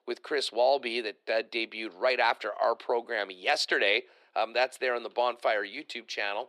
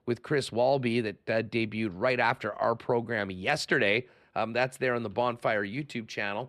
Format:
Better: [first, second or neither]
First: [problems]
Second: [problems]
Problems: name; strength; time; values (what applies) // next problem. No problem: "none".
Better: second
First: thin; very; fading below 350 Hz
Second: none